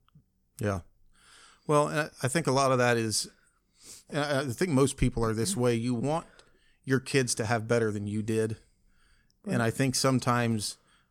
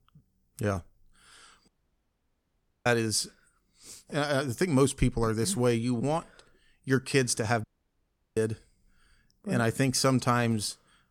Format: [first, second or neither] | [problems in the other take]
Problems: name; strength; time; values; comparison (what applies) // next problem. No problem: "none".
first | audio cutting out; at 1.5 s for 1 s and at 7.5 s for 0.5 s